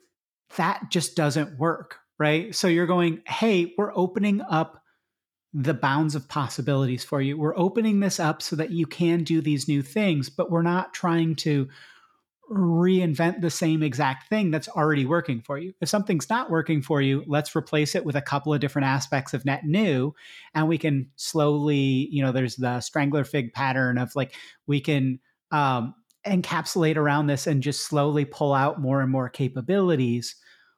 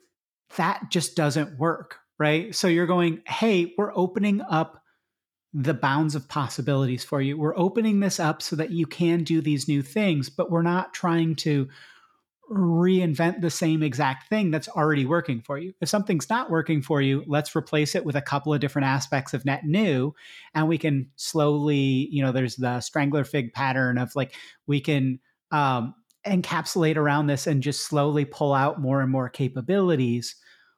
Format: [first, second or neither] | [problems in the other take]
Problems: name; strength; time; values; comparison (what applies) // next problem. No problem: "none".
neither | none